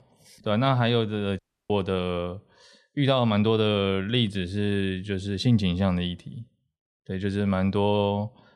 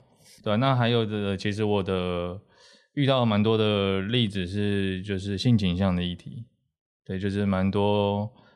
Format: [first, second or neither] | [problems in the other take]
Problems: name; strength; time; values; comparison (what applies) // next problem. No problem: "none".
second | audio cutting out; at 1.5 s